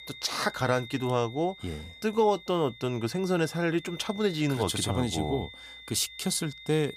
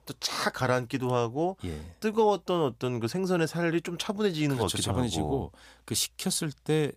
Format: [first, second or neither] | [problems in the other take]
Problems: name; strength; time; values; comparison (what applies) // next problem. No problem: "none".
second | high-pitched whine; noticeable; throughout; 2 kHz, 15 dB below the speech